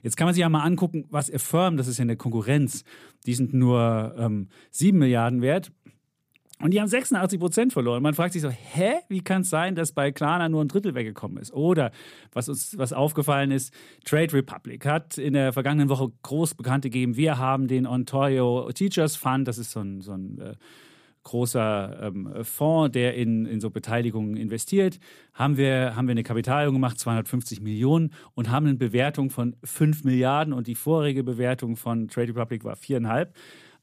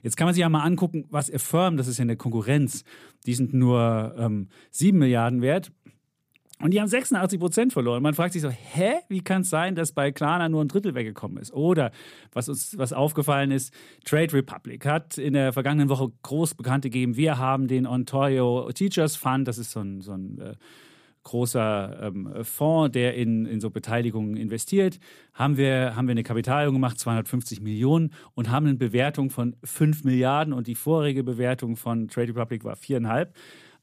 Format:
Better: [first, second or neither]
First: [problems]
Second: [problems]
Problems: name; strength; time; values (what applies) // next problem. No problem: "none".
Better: neither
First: none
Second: none